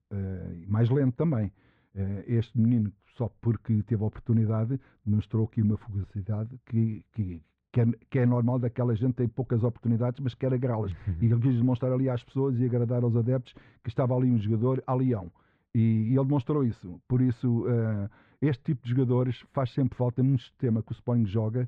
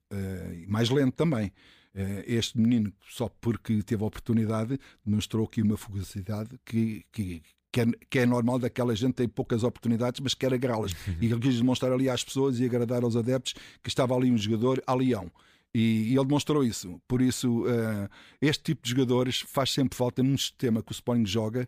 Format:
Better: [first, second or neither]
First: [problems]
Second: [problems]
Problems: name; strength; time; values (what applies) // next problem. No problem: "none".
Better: second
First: muffled; very; fading above 1.5 kHz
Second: none